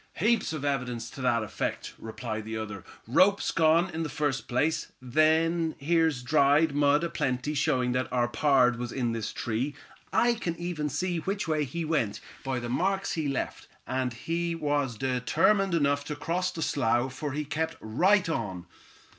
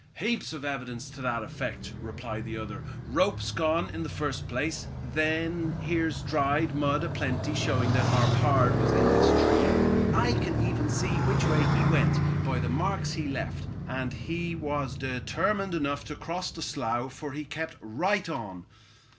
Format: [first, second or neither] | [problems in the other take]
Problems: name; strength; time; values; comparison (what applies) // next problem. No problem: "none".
first | background sound (Motorcycle); 2 dB above the speech